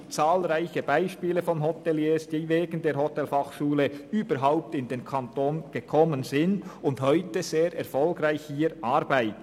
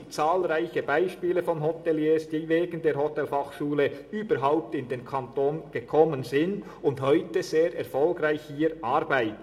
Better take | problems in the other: first | room echo; dies away in 0.5 s

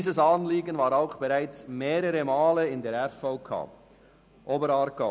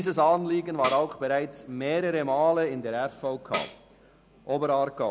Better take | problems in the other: first | background sound (Tambourine); 13 dB below the speech

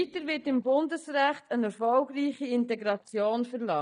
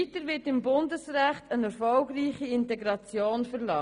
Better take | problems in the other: second | noise reduction (neural mask model DeepFilterNet 3)

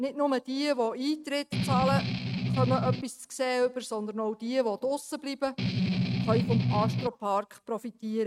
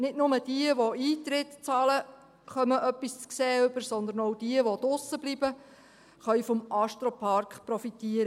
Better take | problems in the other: second | noise reduction (neural mask model RNNoise)

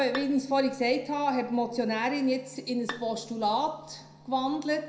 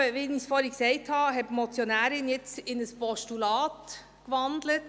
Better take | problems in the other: second | background sound (Bowed string instrument); 17 dB below the speech // room echo; dies away in 0.4 s

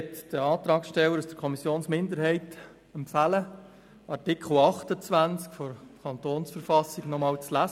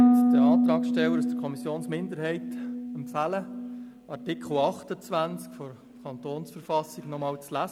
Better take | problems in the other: first | background sound (Harp); 4 dB above the speech

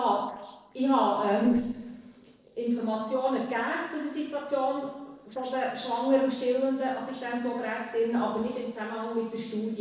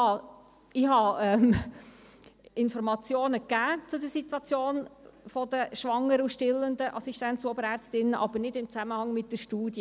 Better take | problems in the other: second | noise reduction (neural separator model SepFormer DNS4)

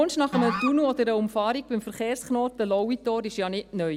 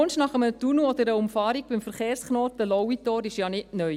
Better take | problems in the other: second | background sound (Musical instrument); 10 dB below the speech

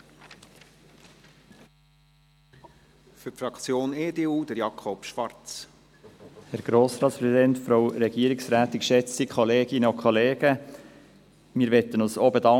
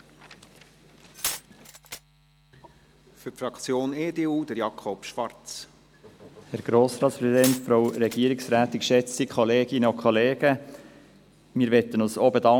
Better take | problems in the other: first | background sound (Glass); 10 dB below the speech

